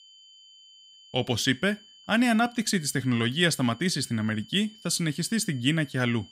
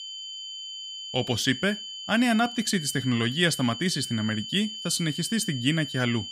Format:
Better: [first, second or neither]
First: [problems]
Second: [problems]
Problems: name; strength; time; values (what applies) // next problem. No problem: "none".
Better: first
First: high-pitched whine; faint; throughout; 3 kHz, 25 dB below the speech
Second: high-pitched whine; loud; throughout; 3 kHz, 9 dB below the speech